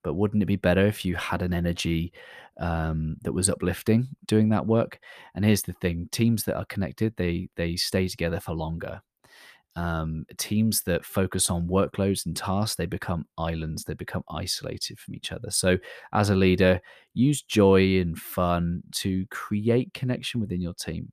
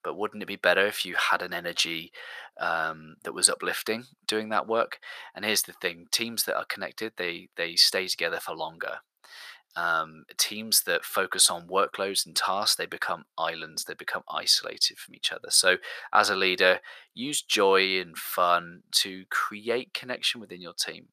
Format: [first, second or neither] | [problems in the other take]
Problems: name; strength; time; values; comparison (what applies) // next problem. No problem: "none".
first | thin; very; fading below 650 Hz